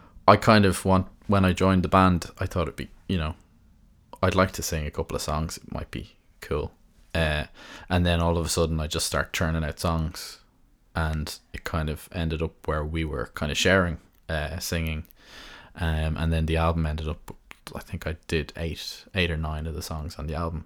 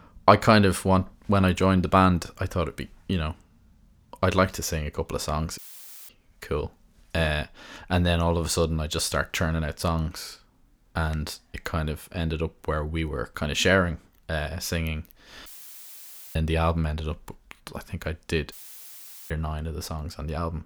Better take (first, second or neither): first